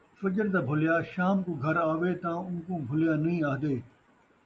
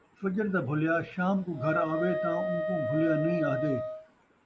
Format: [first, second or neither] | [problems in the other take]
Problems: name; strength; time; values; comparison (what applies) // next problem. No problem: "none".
first | background sound (Wind instrument, woodwind instrument); 3 dB below the speech